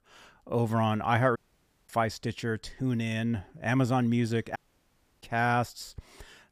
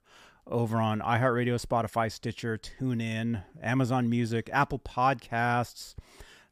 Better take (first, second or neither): second